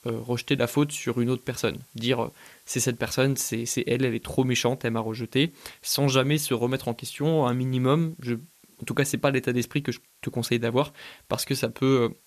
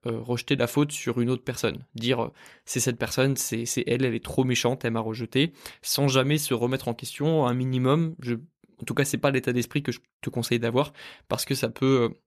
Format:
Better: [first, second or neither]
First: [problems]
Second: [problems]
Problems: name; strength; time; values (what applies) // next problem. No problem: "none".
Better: second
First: hiss; faint; throughout; 30 dB below the speech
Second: none